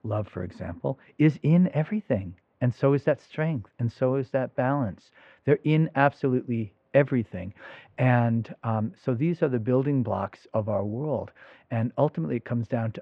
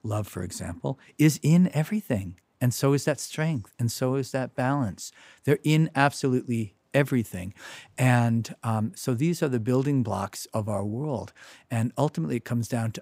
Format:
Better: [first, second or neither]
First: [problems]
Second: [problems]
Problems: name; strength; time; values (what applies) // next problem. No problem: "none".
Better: second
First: muffled; very; fading above 2.5 kHz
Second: none